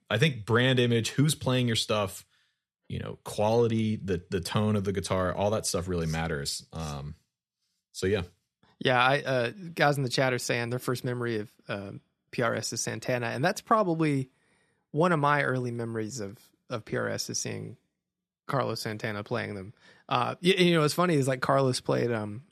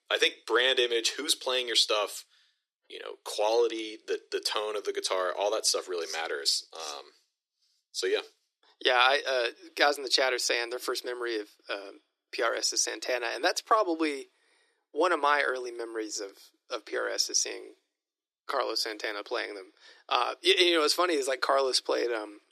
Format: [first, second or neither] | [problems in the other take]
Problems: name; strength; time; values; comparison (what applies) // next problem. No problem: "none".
first | thin; very; fading below 300 Hz